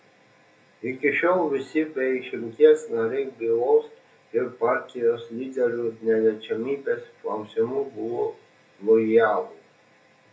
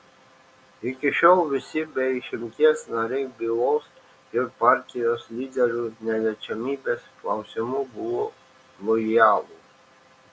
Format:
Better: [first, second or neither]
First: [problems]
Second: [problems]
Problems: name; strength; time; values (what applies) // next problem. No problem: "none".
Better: second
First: room echo; dies away in 0.3 s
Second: none